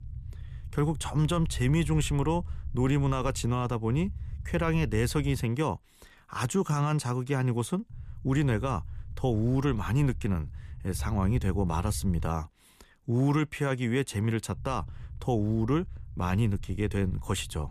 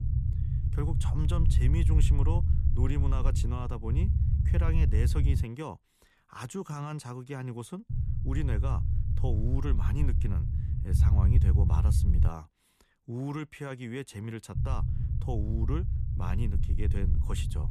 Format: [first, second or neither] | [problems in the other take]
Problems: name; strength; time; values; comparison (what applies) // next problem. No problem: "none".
first | low rumble; loud; until 5.5 s, from 8 to 12 s and from 15 s on; 3 dB below the speech; faint in the first